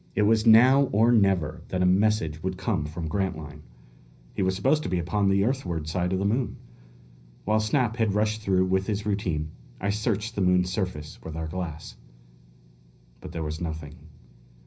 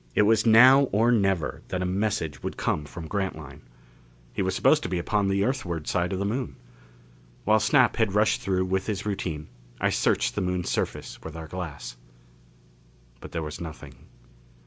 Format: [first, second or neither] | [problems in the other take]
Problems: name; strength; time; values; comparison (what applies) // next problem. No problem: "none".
second | room echo; dies away in 0.5 s